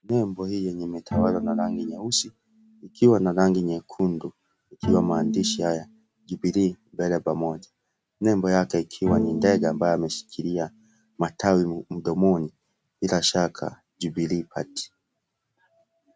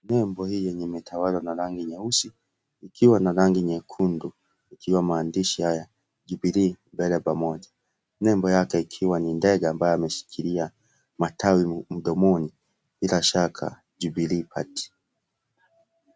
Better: second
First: background sound (Bowed string instrument); 5 dB below the speech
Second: none

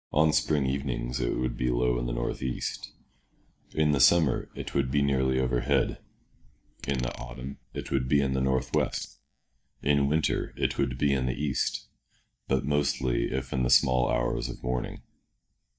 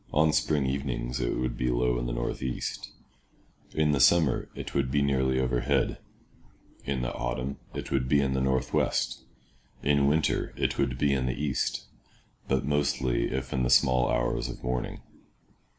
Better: second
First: noise reduction (neural mask model DeepFilterNet 3)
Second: none

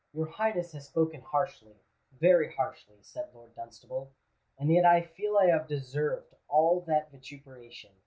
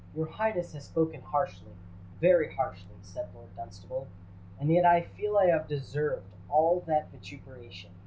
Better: first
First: none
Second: background sound (Microwave oven); 17 dB below the speech

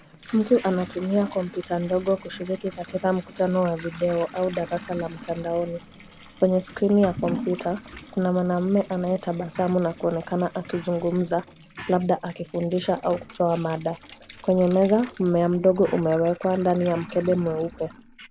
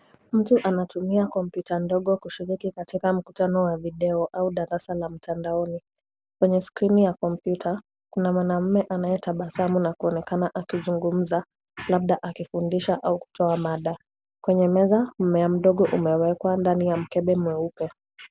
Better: second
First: background sound (Bathtub (filling or washing) / Water tap, faucet + Toilet flush / Liquid); 17 dB below the speech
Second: none

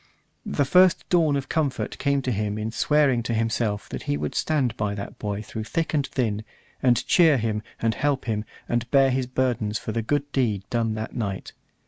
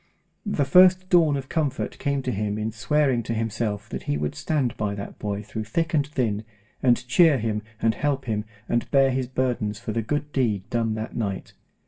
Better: first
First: none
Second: room echo; dies away in 0.2 s

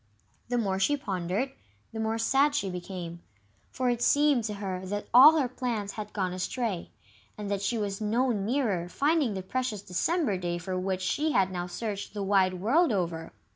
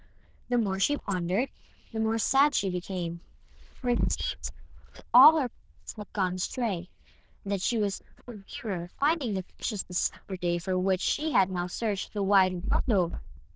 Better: first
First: none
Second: noise reduction (neural diffusion model UNIVERSE++)

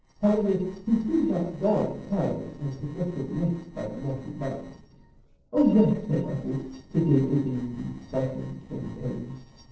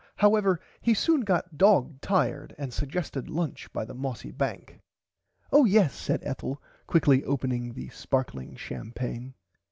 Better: second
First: noise reduction (neural separator model SepFormer DNS4)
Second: none

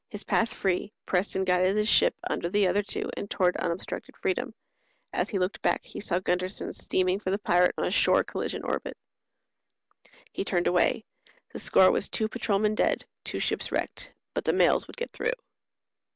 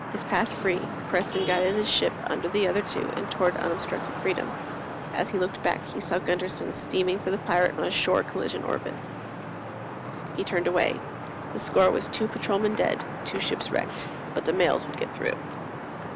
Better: first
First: none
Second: background sound (Traffic noise, roadway noise / Vehicle horn, car horn, honking); 7 dB below the speech

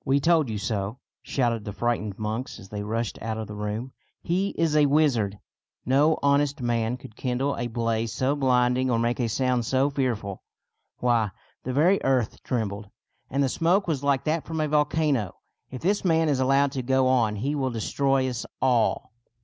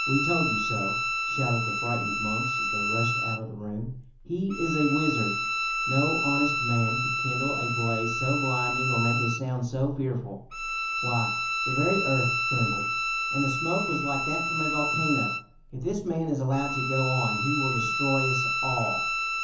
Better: first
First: none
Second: background sound (Bowed string instrument); as loud as the speech // room echo; dies away in 0.7 s

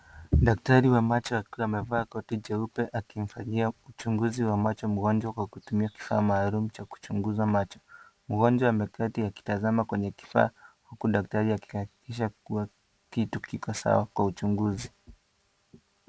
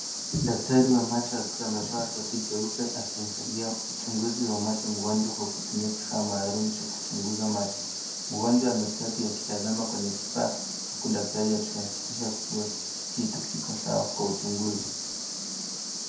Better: first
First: none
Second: background sound (Cricket); 4 dB below the speech // room echo; dies away in 0.5 s

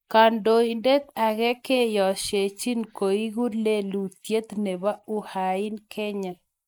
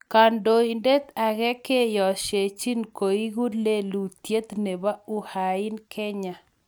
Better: second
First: noise reduction (neural mask model Resemble Enhance denoiser)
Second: none

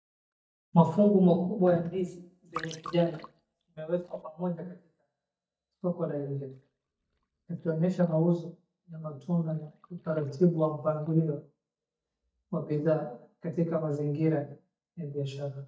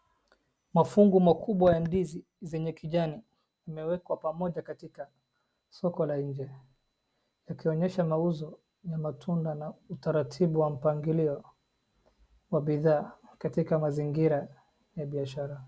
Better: second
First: noise reduction (neural mask model DeepFilterNet 3)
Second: none

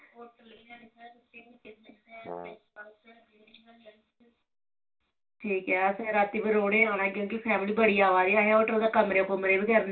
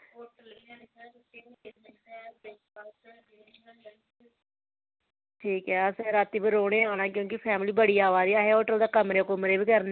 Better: second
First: background sound (Brass instrument); 15 dB below the speech // room echo; dies away in 0.2 s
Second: none

